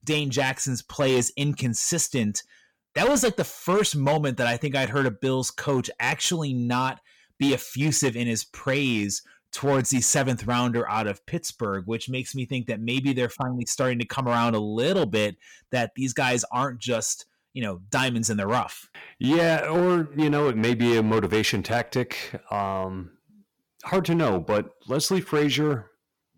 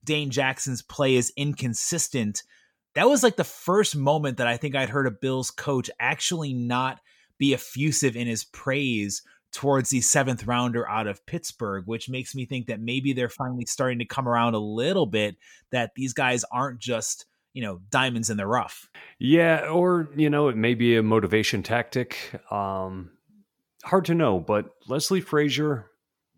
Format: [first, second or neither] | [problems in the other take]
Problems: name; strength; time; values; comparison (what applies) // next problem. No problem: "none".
second | distortion; slight; 7% of the sound clipped